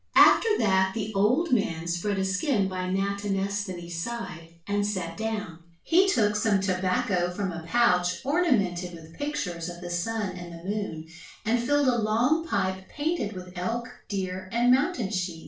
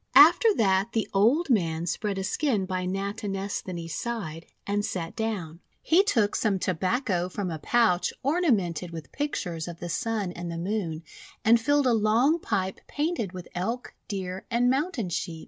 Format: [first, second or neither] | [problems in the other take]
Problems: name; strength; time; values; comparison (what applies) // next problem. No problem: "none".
second | room echo; dies away in 0.3 s